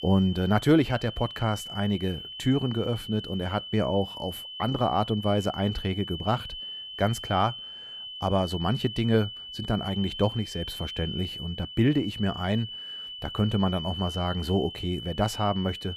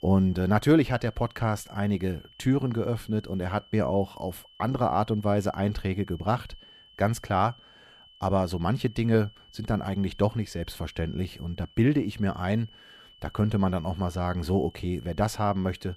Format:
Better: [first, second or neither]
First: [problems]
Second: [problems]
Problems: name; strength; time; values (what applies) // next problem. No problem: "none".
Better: second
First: high-pitched whine; loud; throughout; 3 kHz, 9 dB below the speech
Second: high-pitched whine; faint; throughout; 3 kHz, 25 dB below the speech